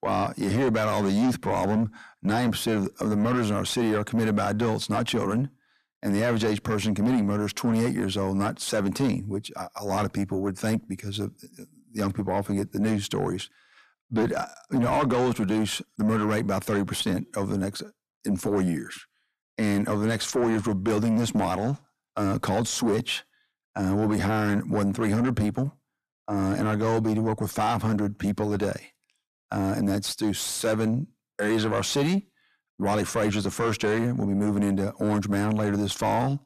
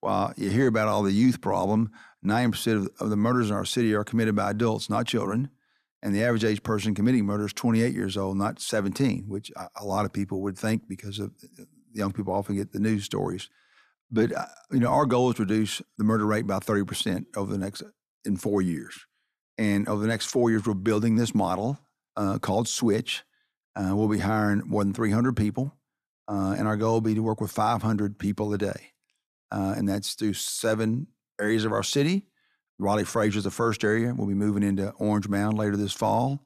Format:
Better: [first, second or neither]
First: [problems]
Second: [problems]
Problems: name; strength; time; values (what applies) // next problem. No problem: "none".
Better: second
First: distortion; slight; 10 dB below the speech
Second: none